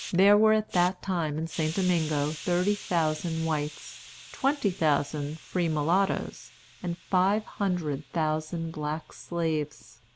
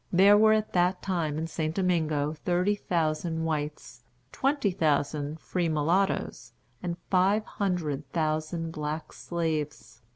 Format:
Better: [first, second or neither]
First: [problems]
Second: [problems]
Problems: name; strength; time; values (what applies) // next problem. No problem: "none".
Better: second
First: background sound (Hiss); 18 dB below the speech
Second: none